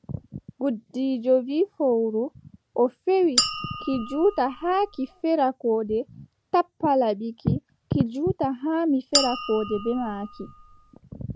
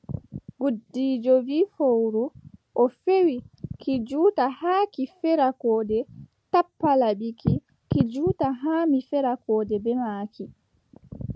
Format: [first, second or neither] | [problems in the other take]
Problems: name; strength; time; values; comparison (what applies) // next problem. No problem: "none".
second | background sound (Chink, clink); 6 dB below the speech